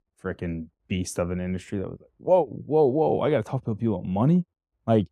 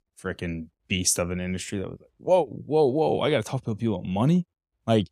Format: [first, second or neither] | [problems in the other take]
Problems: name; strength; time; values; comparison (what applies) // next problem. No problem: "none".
second | muffled; slightly; fading above 2 kHz